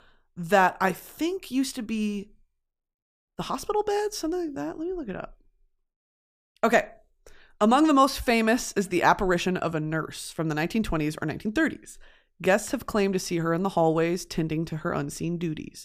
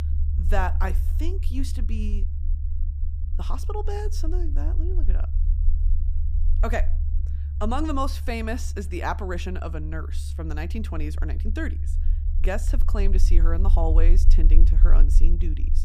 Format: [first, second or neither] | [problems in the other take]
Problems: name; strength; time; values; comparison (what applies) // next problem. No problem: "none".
first | low rumble; noticeable; throughout; 15 dB below the speech